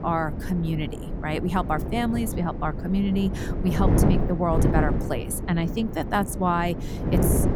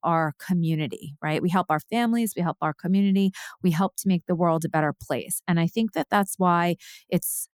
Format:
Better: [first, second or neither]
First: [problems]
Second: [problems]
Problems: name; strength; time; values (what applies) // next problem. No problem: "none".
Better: second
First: wind noise on the microphone; heavy; 6 dB below the speech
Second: none